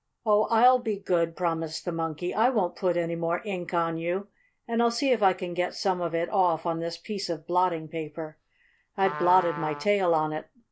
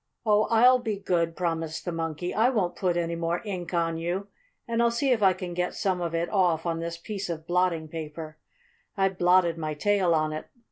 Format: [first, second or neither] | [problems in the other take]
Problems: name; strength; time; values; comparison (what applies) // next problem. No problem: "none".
second | background sound (Trumpet); 13 dB below the speech